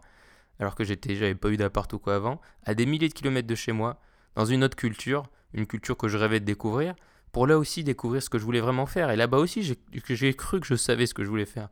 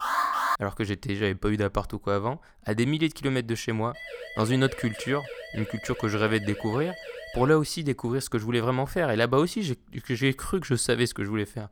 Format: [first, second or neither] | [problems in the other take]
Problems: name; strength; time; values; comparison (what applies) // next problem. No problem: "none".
first | alarm; loud; at the start; peak 2 dB above the speech // siren; faint; from 4 to 7.5 s; peak 10 dB below the speech